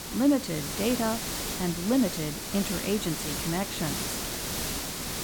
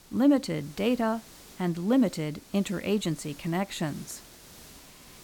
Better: second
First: hiss; loud; throughout; 2 dB below the speech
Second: hiss; faint; throughout; 20 dB below the speech

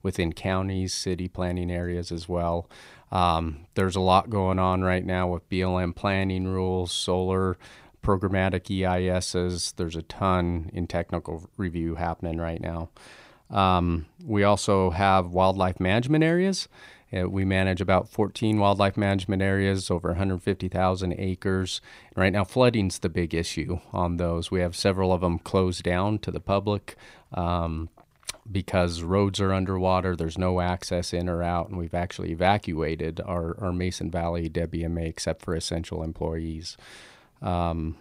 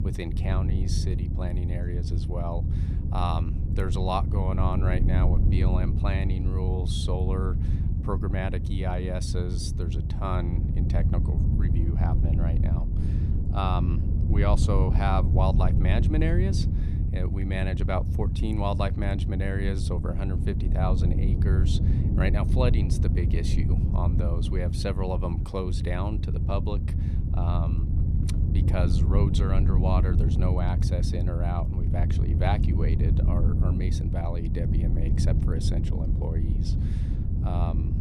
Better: first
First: none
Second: low rumble; loud; throughout; 5 dB below the speech

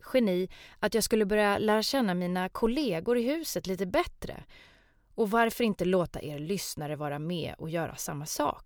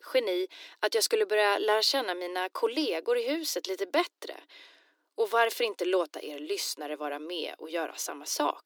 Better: first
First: none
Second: thin; somewhat; fading below 300 Hz

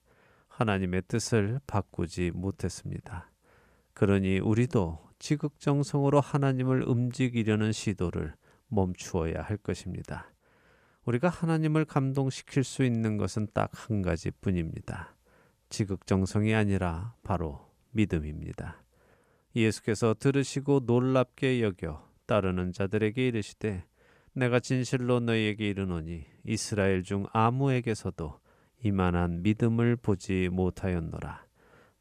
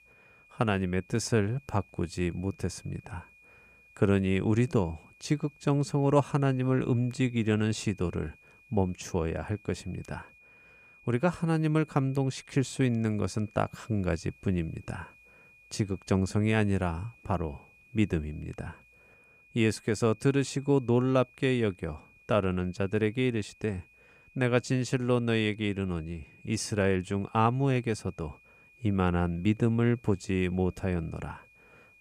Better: first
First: none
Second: high-pitched whine; faint; throughout; 2.5 kHz, 25 dB below the speech

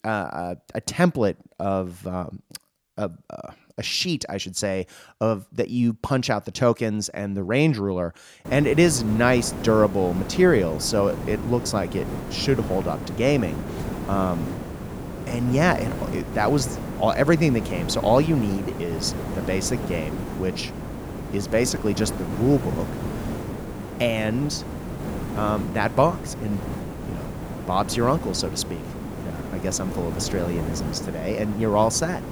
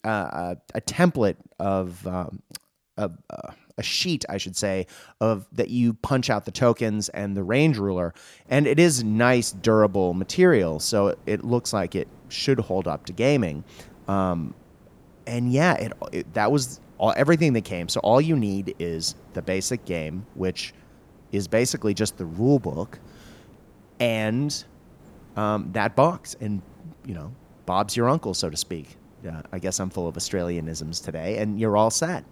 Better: second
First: hiss; loud; from 8.5 s on; 8 dB below the speech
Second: hiss; faint; from 8.5 s on; 25 dB below the speech

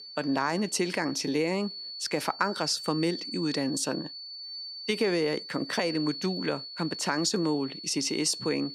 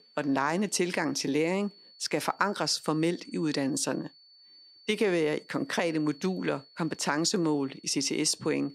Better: second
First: high-pitched whine; loud; throughout; 4.5 kHz, 9 dB below the speech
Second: high-pitched whine; faint; throughout; 4.5 kHz, 25 dB below the speech

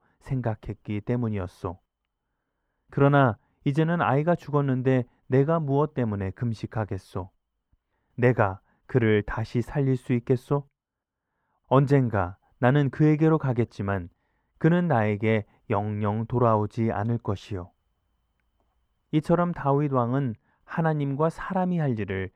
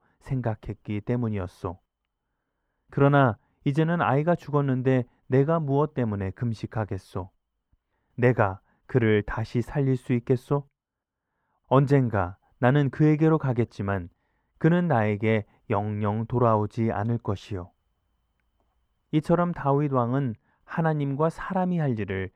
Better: neither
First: muffled; very; fading above 2.5 kHz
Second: muffled; very; fading above 2.5 kHz

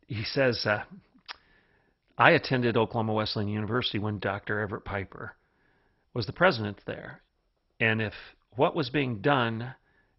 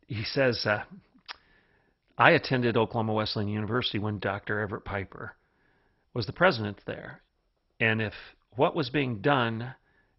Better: neither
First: garbled, watery; badly; nothing above 5.5 kHz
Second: garbled, watery; badly; nothing above 5.5 kHz

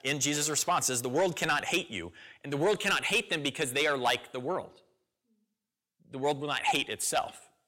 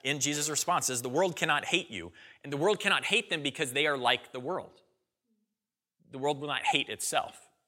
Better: second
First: distortion; slight; 10 dB below the speech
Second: none

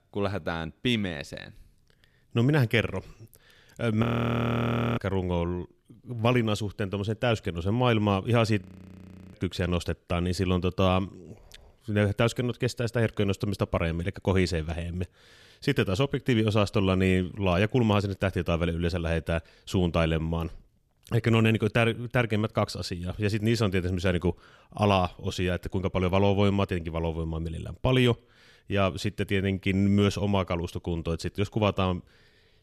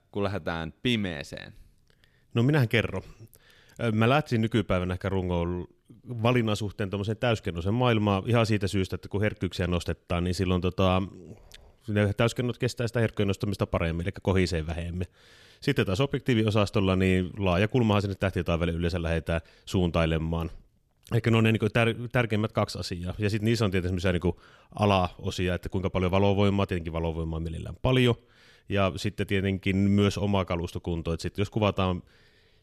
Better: second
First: audio freezing; at 4 s for 1 s and at 8.5 s for 0.5 s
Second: none

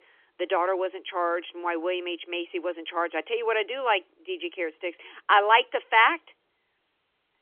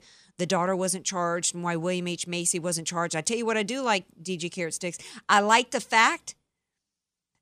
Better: second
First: phone-call audio; nothing above 3.5 kHz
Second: none

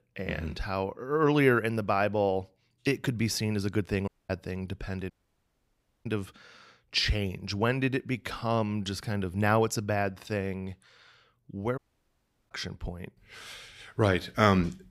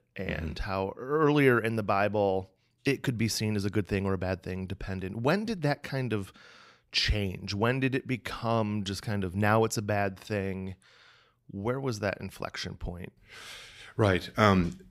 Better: second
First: audio cutting out; at 4 s, at 5 s for 1 s and at 12 s for 0.5 s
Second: none

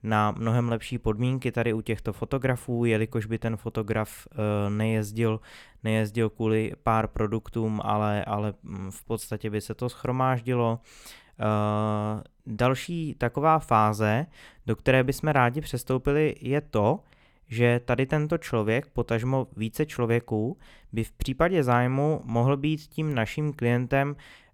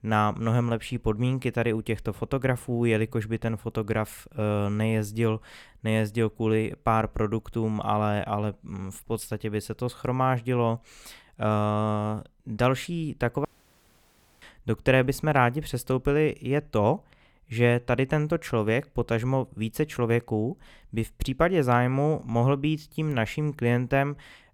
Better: first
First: none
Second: audio cutting out; at 13 s for 1 s

